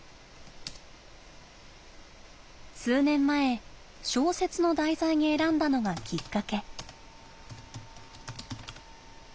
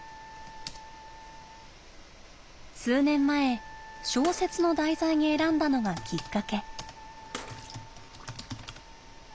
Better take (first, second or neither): first